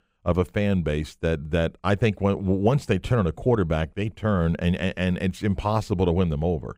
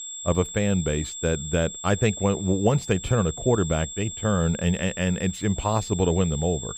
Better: first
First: none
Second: high-pitched whine; loud; throughout; 7.5 kHz, 10 dB below the speech

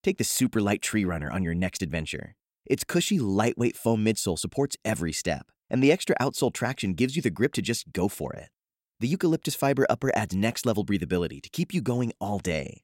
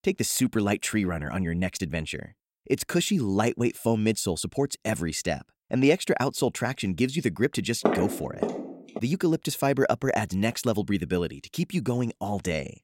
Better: first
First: none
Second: footsteps; loud; from 8 to 9 s; peak level with the speech

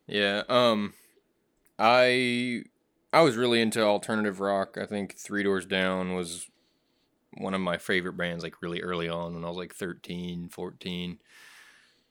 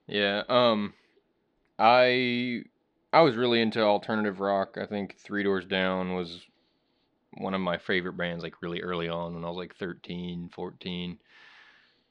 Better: first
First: none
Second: muffled; very slightly; fading above 4 kHz

